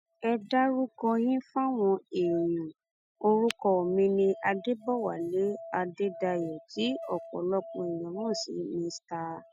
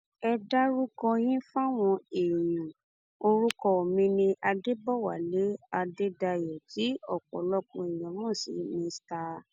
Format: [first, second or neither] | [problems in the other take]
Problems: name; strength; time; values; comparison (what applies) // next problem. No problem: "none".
second | noise reduction (classical method Wiener filter)